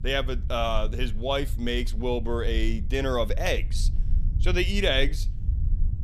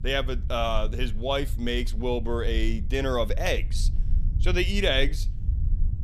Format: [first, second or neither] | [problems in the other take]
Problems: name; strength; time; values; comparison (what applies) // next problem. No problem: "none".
neither | low rumble; faint; throughout; 20 dB below the speech; the same in both